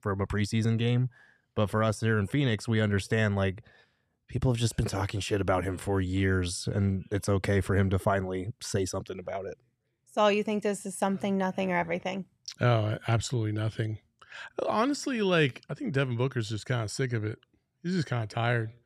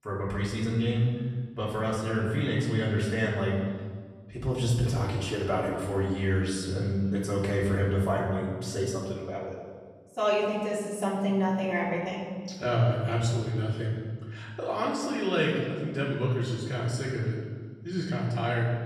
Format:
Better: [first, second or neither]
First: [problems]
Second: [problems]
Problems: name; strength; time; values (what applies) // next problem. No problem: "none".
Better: first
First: none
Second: off-mic speech; far // room echo; noticeable; dies away in 1.5 s